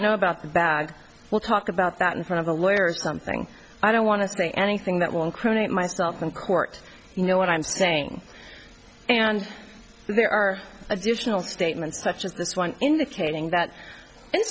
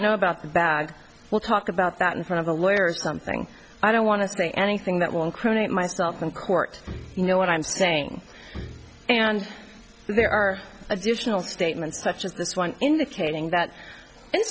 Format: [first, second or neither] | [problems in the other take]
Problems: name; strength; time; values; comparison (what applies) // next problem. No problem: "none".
first | background sound (Bowed string instrument); 17 dB below the speech